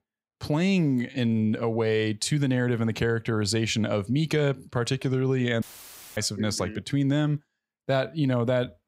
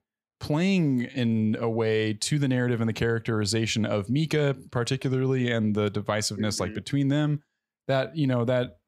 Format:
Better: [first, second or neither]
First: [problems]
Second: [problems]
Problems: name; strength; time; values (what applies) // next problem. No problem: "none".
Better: second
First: audio cutting out; filled with static; at 5.5 s for 0.5 s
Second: none